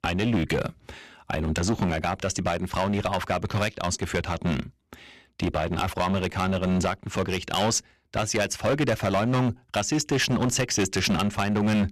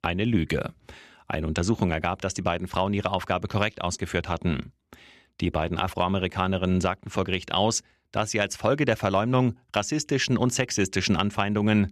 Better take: second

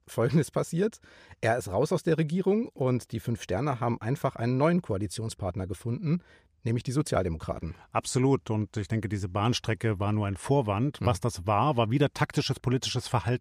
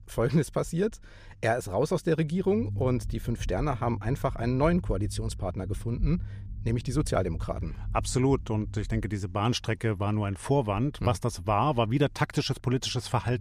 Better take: first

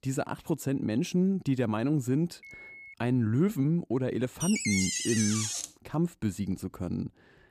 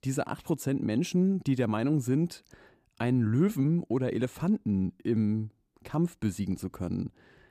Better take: second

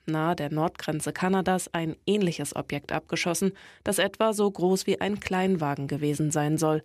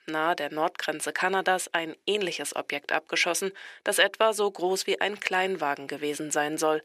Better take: first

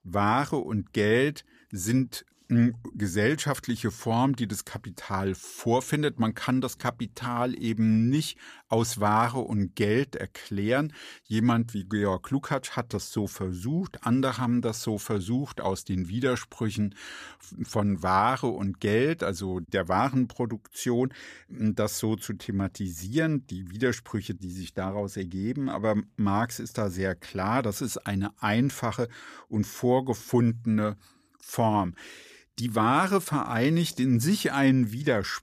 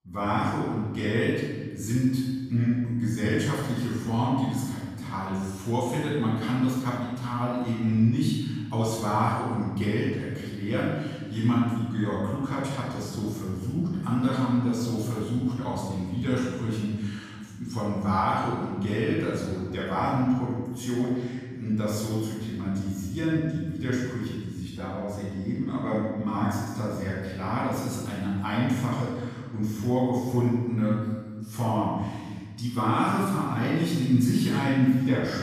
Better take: first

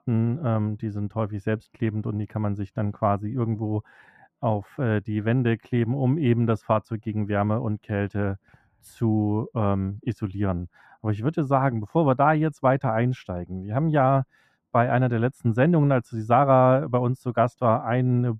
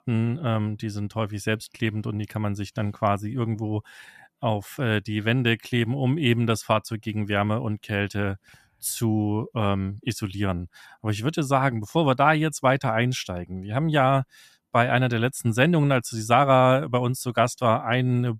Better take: second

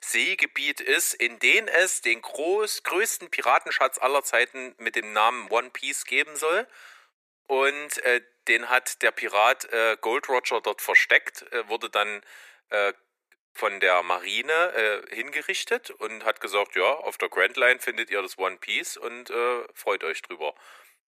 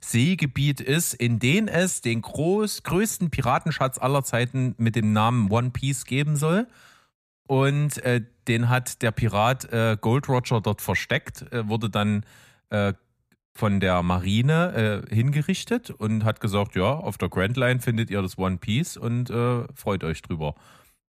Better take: second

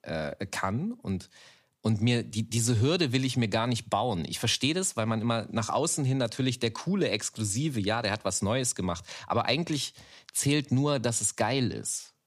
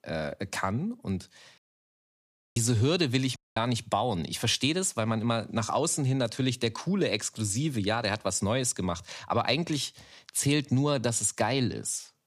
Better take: first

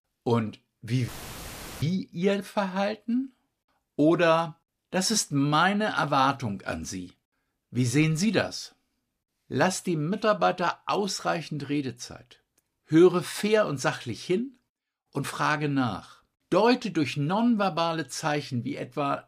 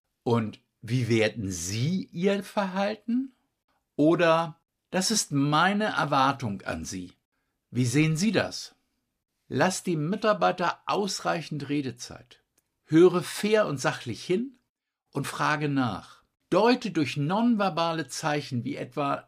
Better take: second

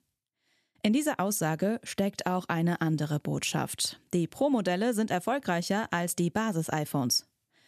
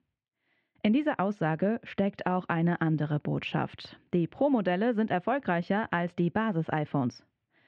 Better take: first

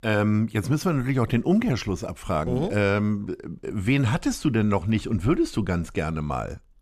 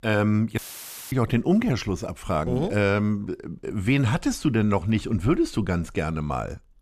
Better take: first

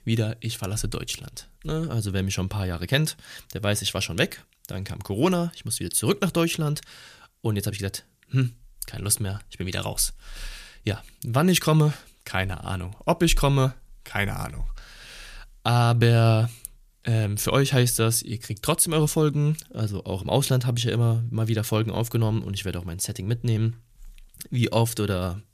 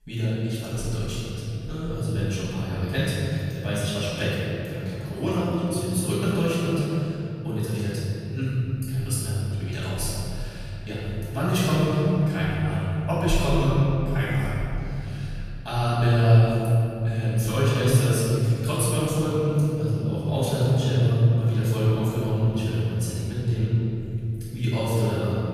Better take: first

